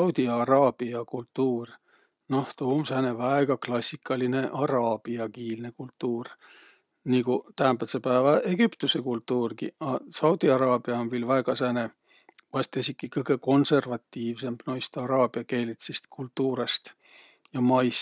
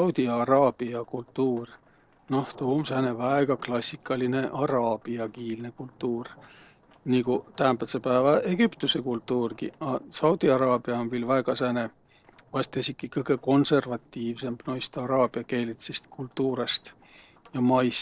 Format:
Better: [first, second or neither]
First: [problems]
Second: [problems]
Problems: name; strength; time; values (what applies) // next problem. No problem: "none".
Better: first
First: none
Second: noise reduction (neural separator model SepFormer DNS4)